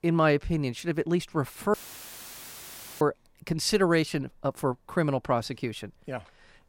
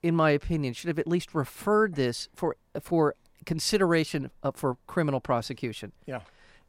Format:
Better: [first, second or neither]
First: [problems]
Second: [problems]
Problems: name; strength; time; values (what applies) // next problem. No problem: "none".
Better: second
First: audio cutting out; filled with static; at 1.5 s for 1.5 s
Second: none